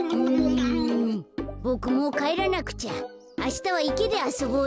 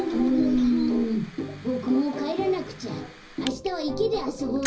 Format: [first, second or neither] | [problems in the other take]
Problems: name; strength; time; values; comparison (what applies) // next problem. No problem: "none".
first | background sound (Fire); 13 dB below the speech // room echo; dies away in 0.5 s